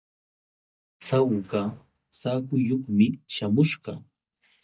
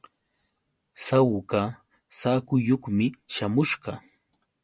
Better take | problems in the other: second | noise reduction (neural mask model DeepFilterNet 3)

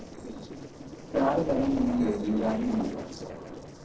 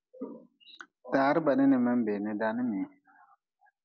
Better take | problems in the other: second | noise reduction (neural separator model SepFormer DNS4)

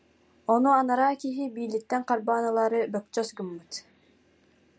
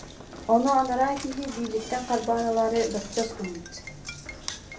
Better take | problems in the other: first | background sound (Knock); 12 dB below the speech // room echo; dies away in 0.3 s

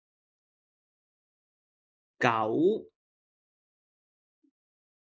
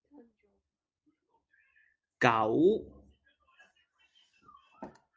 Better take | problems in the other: second | noise reduction (neural mask model Resemble Enhance denoiser)

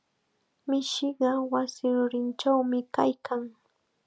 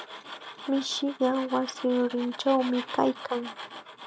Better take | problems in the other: first | background sound (Tools); 13 dB below the speech

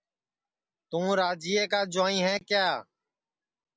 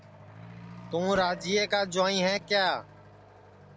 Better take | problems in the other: first | background sound (Accelerating, revving, vroom / Truck + Gunshot, gunfire); 16 dB below the speech

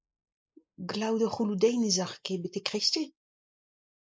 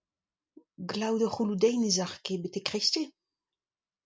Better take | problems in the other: second | noise reduction (neural mask model Resemble Enhance denoiser)

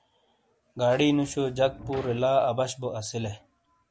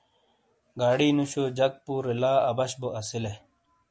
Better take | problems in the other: second | background sound (Sliding door); 18 dB below the speech

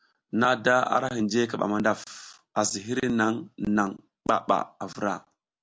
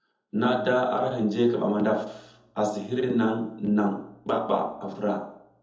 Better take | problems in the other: first | room echo; dies away in 0.7 s

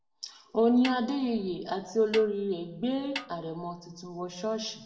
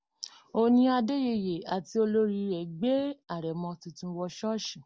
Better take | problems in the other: second | background sound (Snare drum); 13 dB below the speech // room echo; dies away in 0.7 s

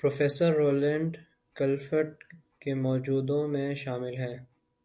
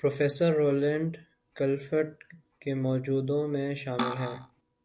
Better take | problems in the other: first | background sound (Cutlery, silverware); 5 dB below the speech

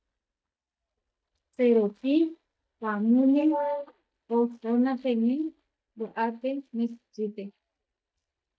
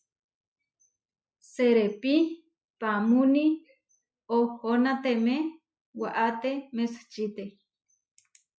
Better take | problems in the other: second | noise reduction (neural mask model DeepFilterNet 3)

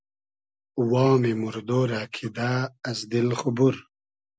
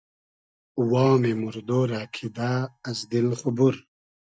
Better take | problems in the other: first | noise reduction (neural mask model DeepFilterNet 3)

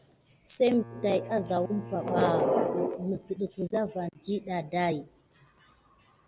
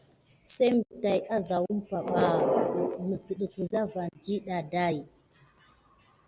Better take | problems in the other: second | background sound (Bowed string instrument); 14 dB below the speech

